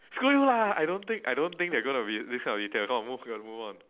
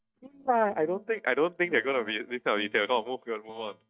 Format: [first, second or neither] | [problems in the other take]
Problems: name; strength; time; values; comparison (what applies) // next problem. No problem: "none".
first | noise reduction (neural mask model DeepFilterNet 3)